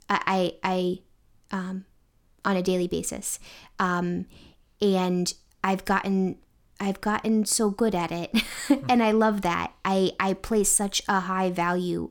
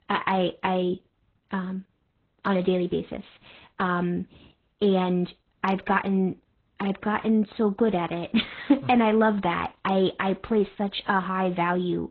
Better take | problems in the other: first | garbled, watery; badly

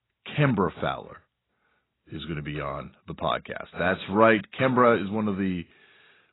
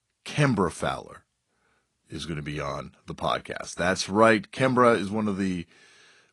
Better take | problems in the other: second | garbled, watery; badly; nothing above 4 kHz; slightly in the second

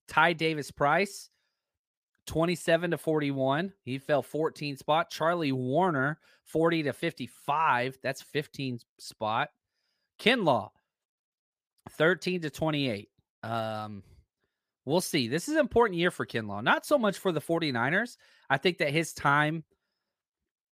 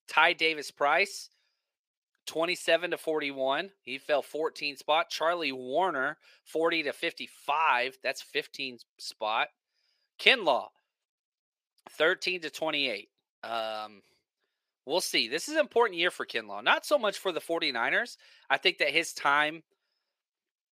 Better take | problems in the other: first | thin; somewhat; fading below 450 Hz

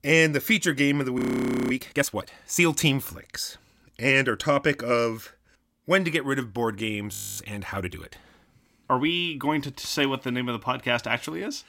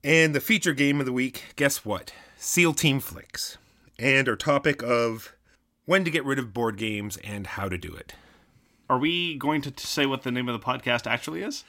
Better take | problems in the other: second | audio freezing; at 1 s for 0.5 s and at 7 s

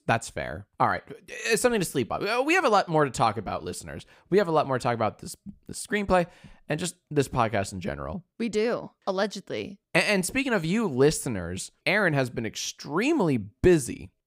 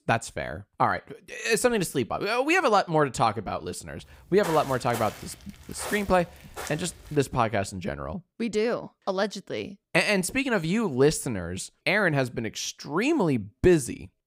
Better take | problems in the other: first | footsteps; noticeable; from 4 to 7 s; peak 9 dB below the speech

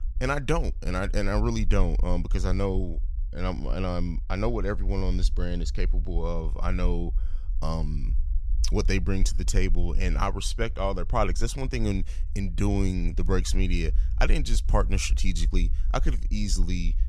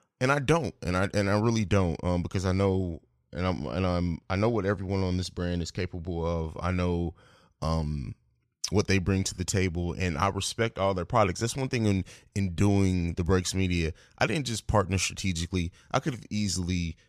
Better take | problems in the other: second | low rumble; faint; throughout; 20 dB below the speech

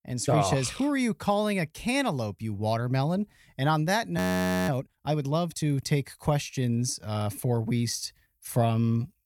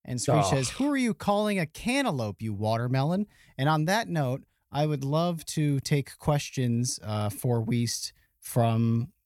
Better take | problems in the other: second | audio freezing; at 4 s for 0.5 s

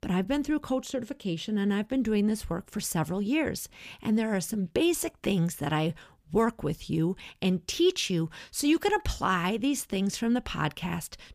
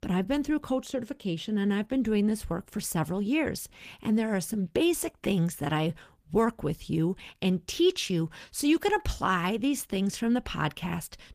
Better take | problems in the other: first | garbled, watery; slightly; nothing above 15 kHz

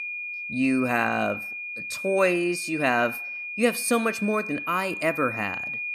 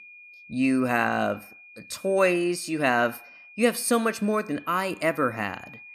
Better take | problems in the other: second | high-pitched whine; loud; throughout; 2.5 kHz, 6 dB below the speech; faint in the second

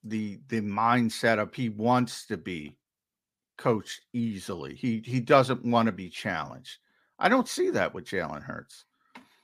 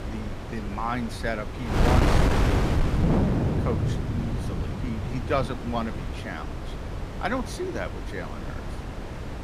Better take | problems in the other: first | wind noise on the microphone; heavy; as loud as the speech

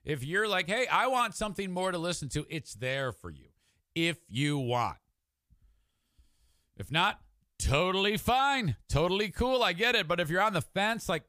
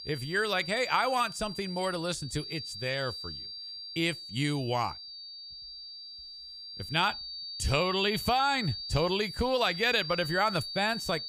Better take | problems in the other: first | high-pitched whine; loud; throughout; 4.5 kHz, 9 dB below the speech

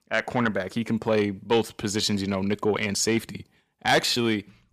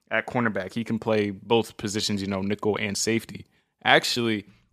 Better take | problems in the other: second | distortion; slight; 10 dB below the speech

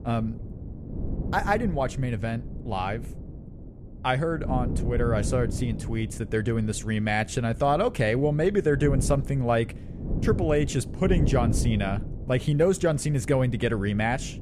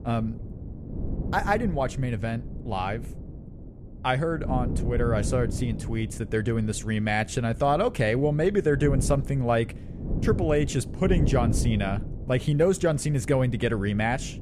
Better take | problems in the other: neither | wind noise on the microphone; occasional gusts; 15 dB below the speech; the same in both

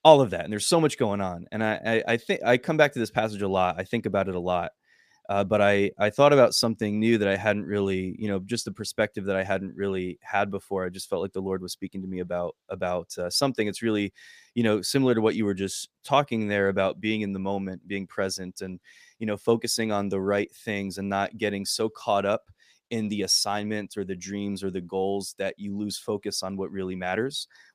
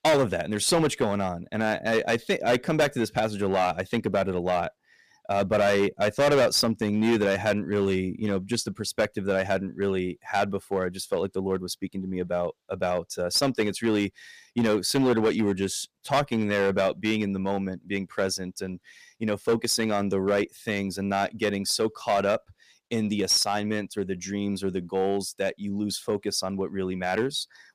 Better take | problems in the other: first | distortion; heavy; 5% of the sound clipped

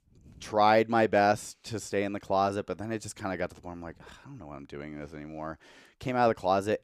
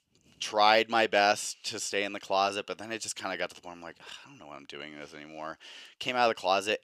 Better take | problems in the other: first | thin; very slightly; fading below 600 Hz

